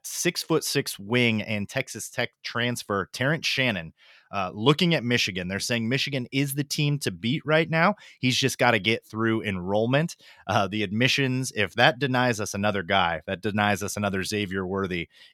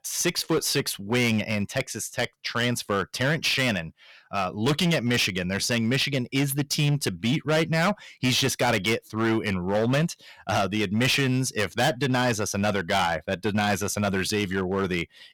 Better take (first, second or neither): first